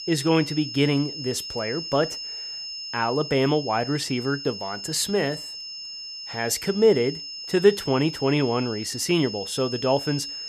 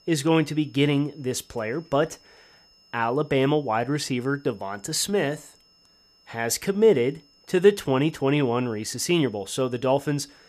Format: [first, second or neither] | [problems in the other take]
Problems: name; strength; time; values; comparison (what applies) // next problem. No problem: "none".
second | high-pitched whine; loud; throughout; 5 kHz, 9 dB below the speech; faint in the second